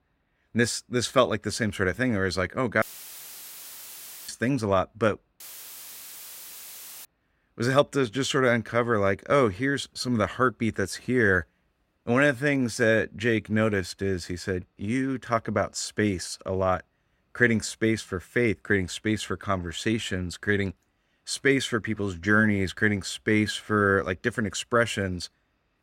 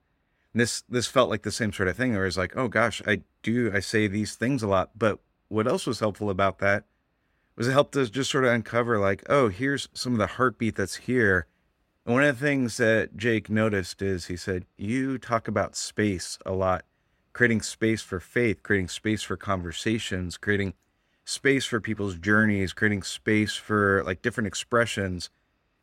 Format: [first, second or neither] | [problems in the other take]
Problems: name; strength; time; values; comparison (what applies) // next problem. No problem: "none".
second | audio cutting out; filled with static; at 3 s for 1.5 s and at 5.5 s for 1.5 s